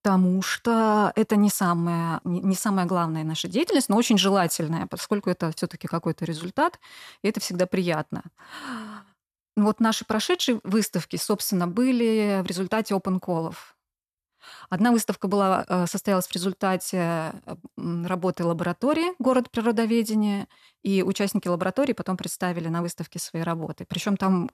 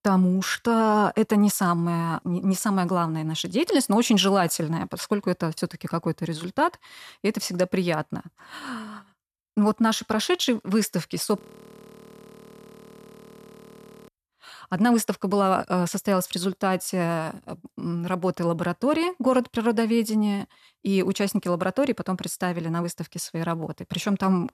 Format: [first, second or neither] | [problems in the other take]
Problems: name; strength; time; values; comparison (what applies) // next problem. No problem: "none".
first | audio freezing; at 11 s for 2.5 s